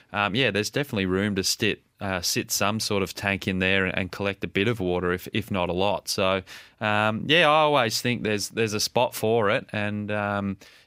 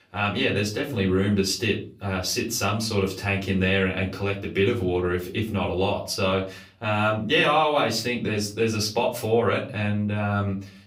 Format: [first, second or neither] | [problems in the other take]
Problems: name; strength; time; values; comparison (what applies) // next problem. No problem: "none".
first | off-mic speech; far // room echo; very slight; dies away in 0.4 s